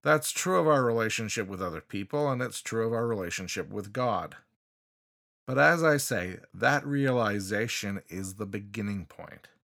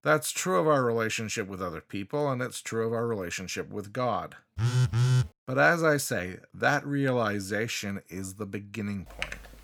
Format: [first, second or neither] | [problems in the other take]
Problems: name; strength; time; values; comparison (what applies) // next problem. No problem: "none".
first | phone ringing; loud; at 4.5 s; peak 4 dB above the speech // keyboard typing; noticeable; at 9 s; peak 8 dB below the speech